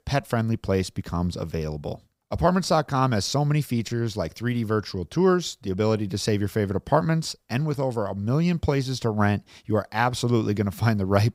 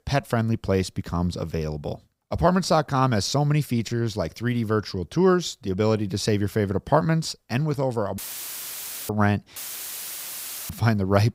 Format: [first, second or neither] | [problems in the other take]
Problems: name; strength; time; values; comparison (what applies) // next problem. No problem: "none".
first | audio cutting out; filled with static; at 8 s for 1 s and at 9.5 s for 1 s